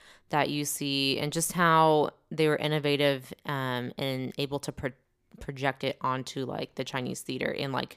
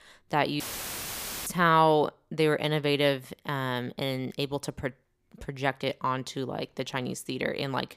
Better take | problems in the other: first | audio cutting out; filled with static; at 0.5 s for 1 s

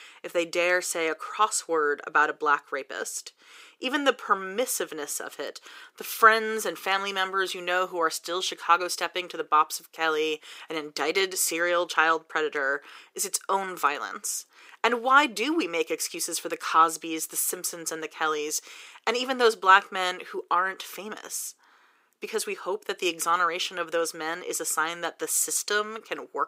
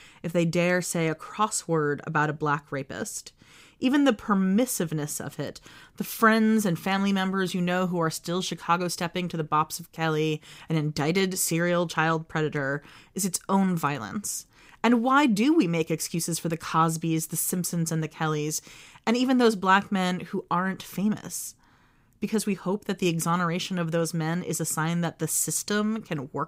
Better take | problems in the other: second | thin; very; fading below 400 Hz

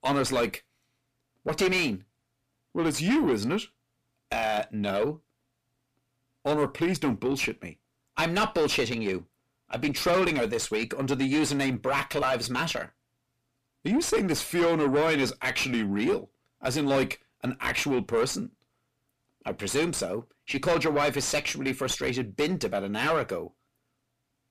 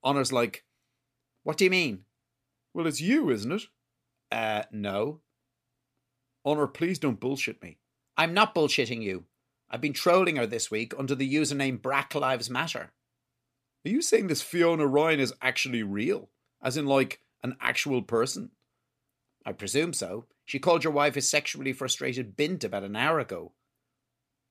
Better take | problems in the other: second | distortion; heavy; 6 dB below the speech

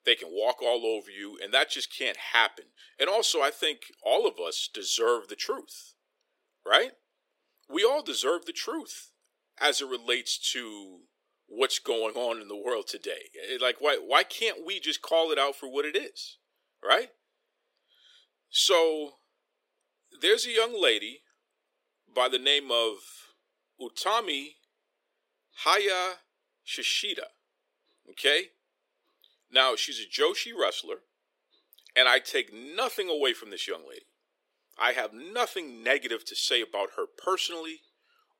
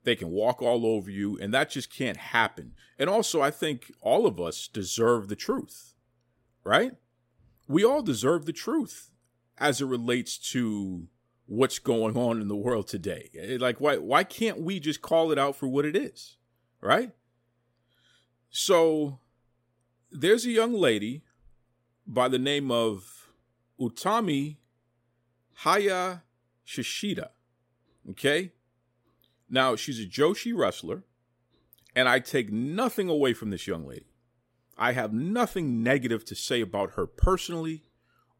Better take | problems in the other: second | thin; very; fading below 350 Hz

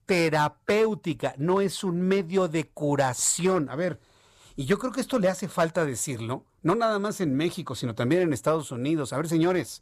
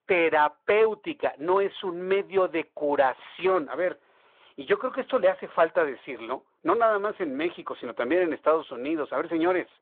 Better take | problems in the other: first | phone-call audio

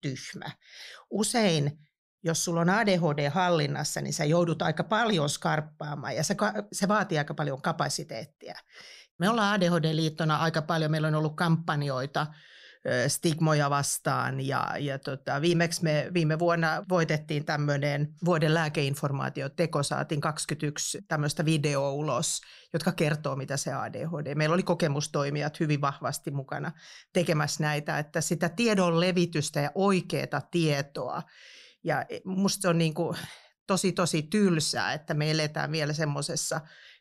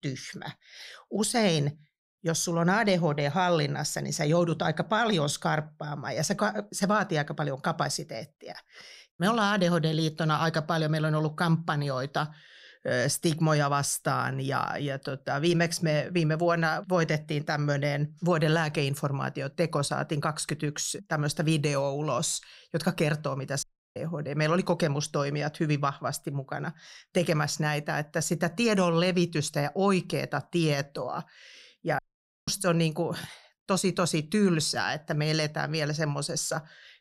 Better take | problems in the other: first | audio cutting out; at 24 s and at 32 s

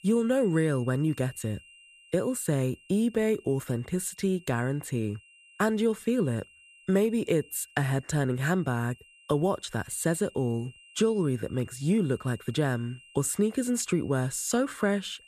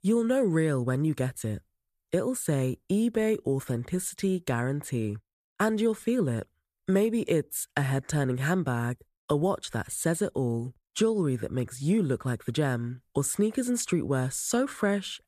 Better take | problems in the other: second | high-pitched whine; faint; throughout; 3 kHz, 25 dB below the speech

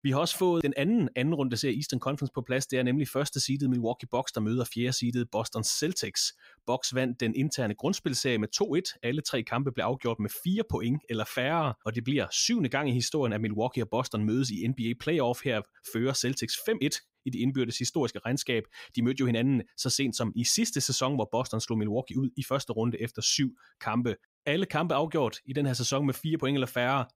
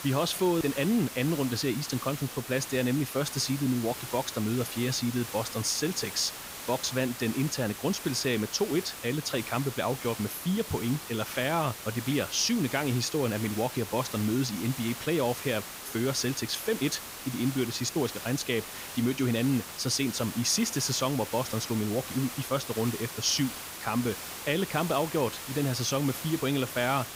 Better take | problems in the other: first | hiss; loud; throughout; 9 dB below the speech

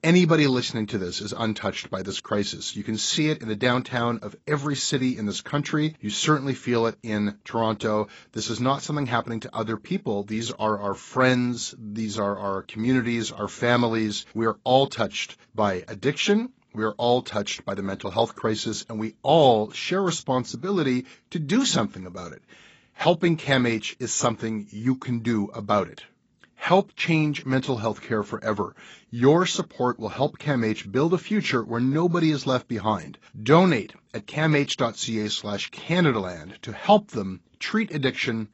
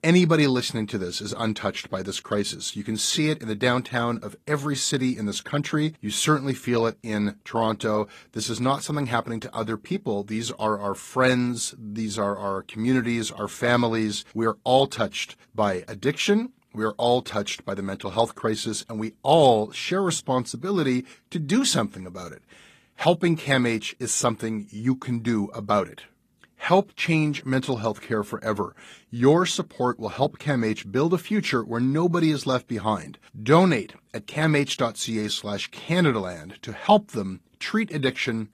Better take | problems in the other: second | garbled, watery; badly; nothing above 7.5 kHz; slightly in the second

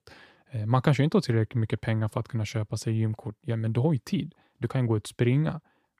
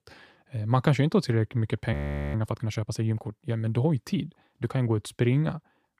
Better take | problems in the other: first | audio freezing; at 2 s

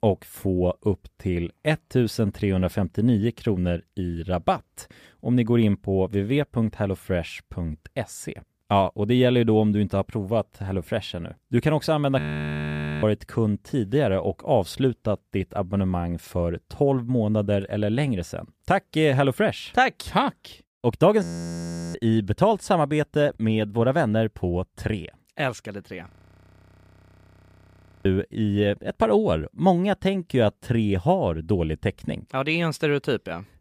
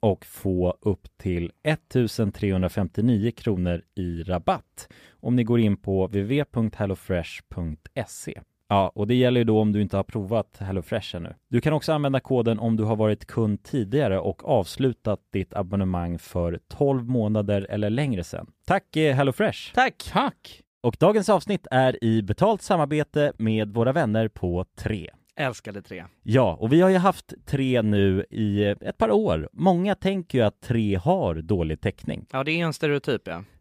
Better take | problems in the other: second | audio freezing; at 12 s for 1 s, at 21 s for 0.5 s and at 26 s for 2 s

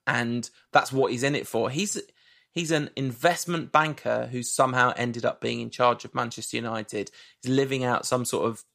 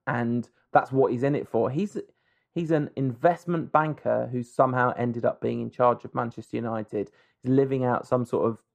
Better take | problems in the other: first | muffled; very; fading above 2 kHz

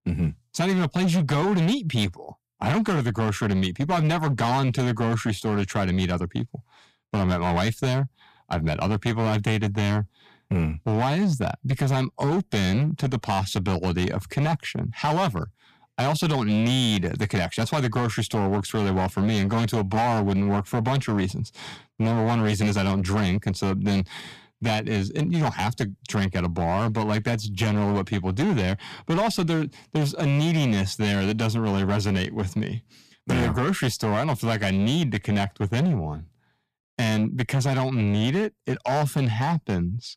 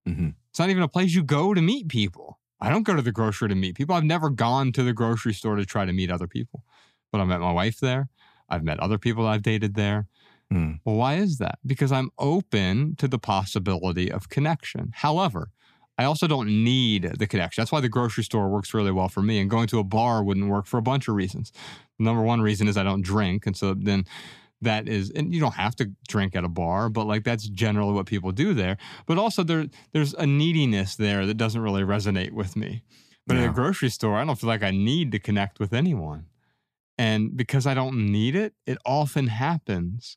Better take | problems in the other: second | distortion; slight; 14% of the sound clipped

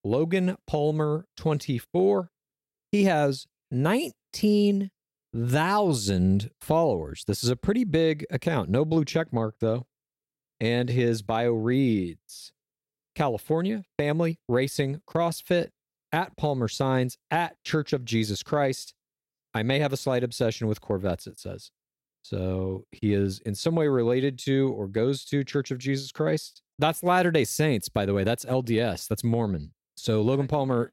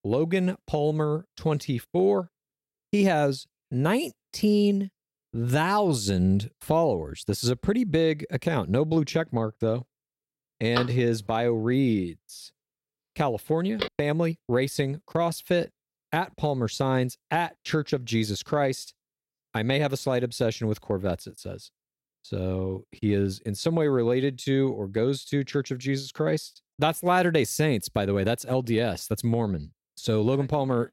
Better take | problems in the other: first | phone ringing; noticeable; from 11 to 14 s; peak 6 dB below the speech

